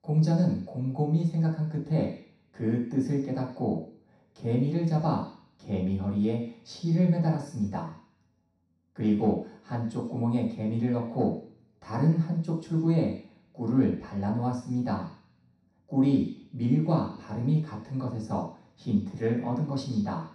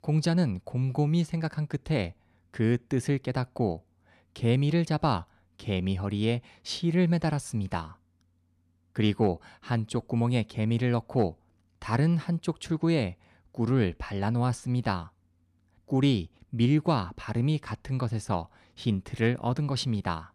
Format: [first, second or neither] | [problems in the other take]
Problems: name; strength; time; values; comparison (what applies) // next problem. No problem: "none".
second | room echo; noticeable; dies away in 0.7 s // off-mic speech; far